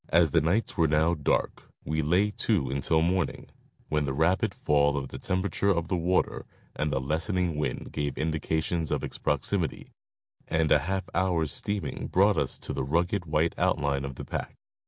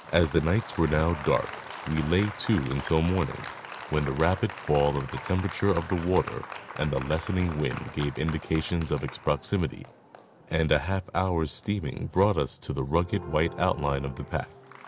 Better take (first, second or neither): first